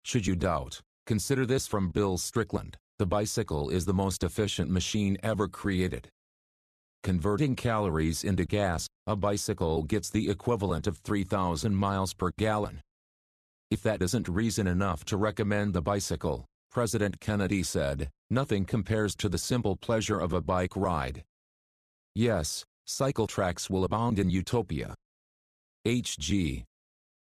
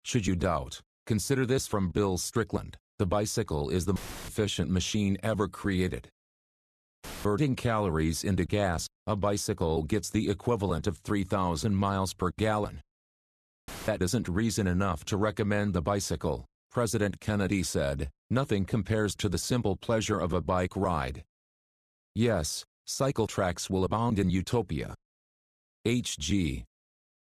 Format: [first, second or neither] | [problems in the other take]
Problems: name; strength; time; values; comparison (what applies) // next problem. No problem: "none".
first | audio cutting out; filled with static; at 4 s, at 7 s and at 14 s